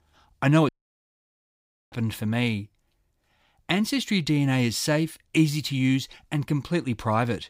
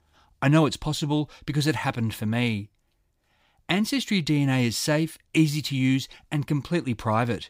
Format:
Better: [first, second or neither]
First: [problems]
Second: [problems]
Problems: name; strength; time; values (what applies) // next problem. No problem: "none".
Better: second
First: audio cutting out; at 0.5 s for 1 s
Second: none